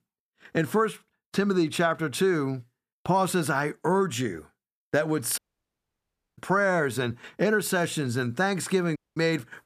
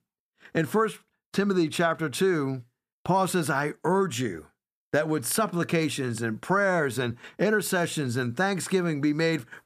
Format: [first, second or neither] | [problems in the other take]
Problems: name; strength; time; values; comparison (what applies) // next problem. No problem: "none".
second | audio cutting out; at 5.5 s for 1 s and at 9 s